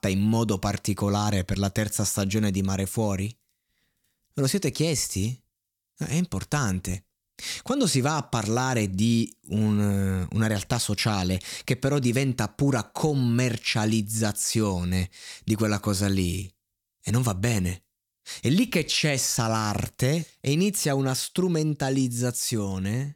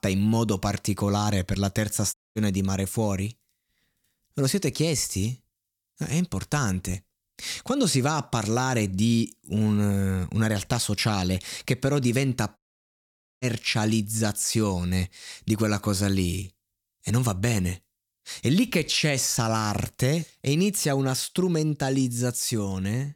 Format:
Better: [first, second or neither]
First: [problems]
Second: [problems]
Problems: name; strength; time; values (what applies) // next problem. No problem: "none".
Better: first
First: none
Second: audio cutting out; at 2 s and at 13 s for 1 s